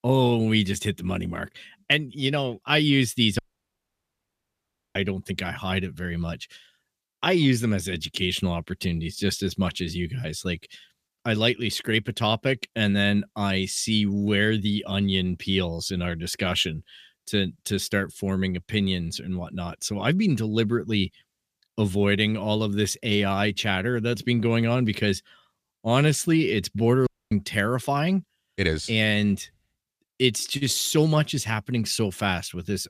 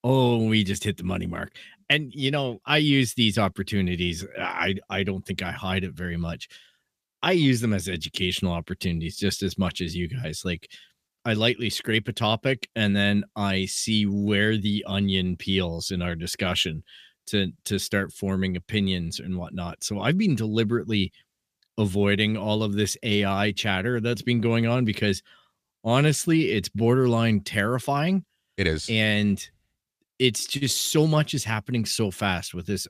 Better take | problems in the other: second | audio cutting out; at 3.5 s for 1.5 s and at 27 s

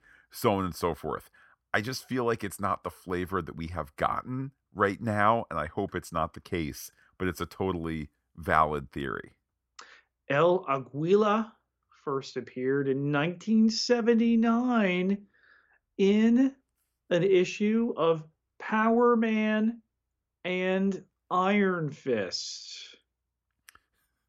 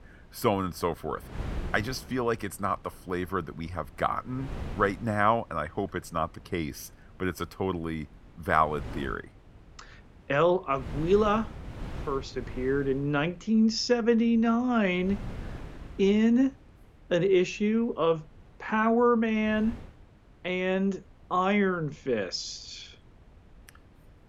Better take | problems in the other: first | wind noise on the microphone; occasional gusts; 20 dB below the speech

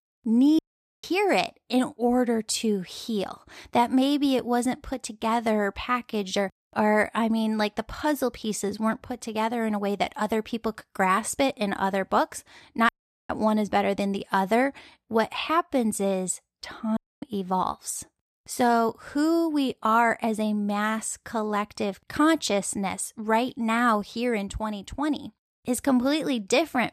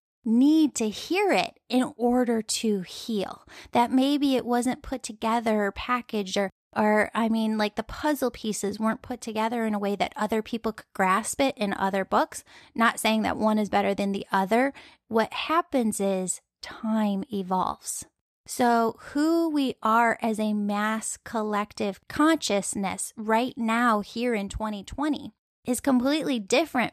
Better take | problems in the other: second | audio cutting out; at 0.5 s, at 13 s and at 17 s

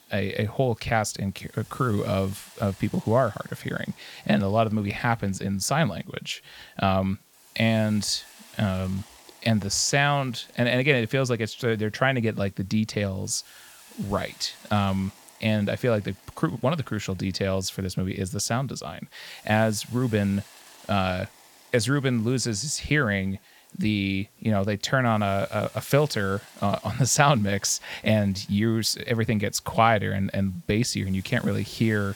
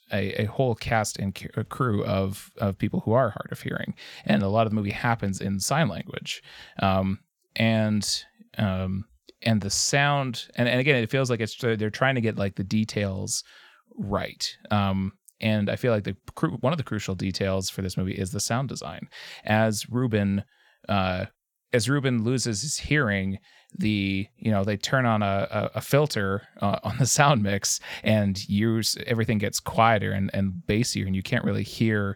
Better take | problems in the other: second | hiss; faint; throughout; 25 dB below the speech

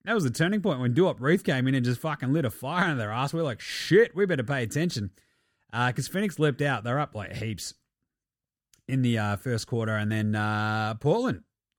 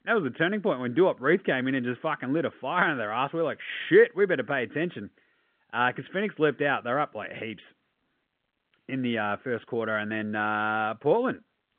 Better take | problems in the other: first | phone-call audio; nothing above 3.5 kHz

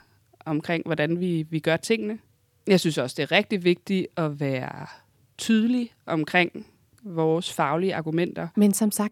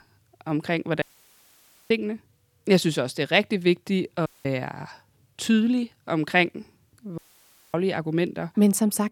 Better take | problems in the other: first | audio cutting out; at 1 s for 1 s, at 4.5 s and at 7 s for 0.5 s

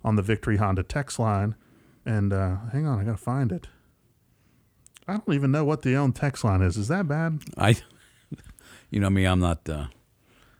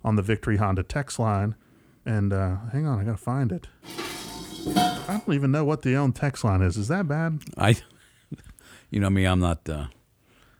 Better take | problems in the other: first | clattering dishes; loud; from 4 to 5 s; peak 2 dB above the speech

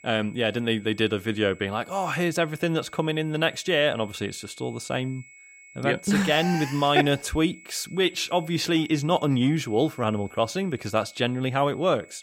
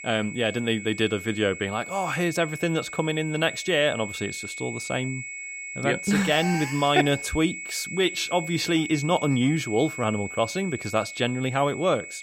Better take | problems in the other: first | high-pitched whine; loud; throughout; 2 kHz, 9 dB below the speech; faint in the first

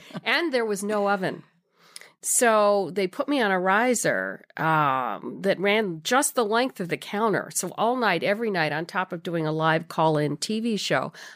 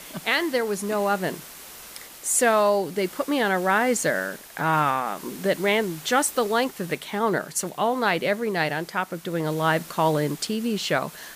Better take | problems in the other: first | hiss; noticeable; throughout; 15 dB below the speech

